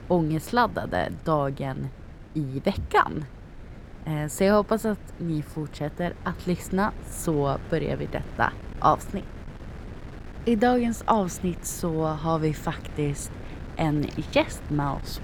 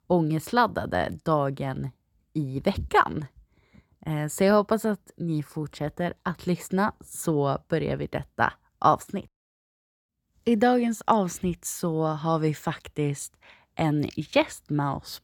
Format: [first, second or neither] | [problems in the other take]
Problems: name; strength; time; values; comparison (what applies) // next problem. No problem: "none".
second | wind noise on the microphone; occasional gusts; 20 dB below the speech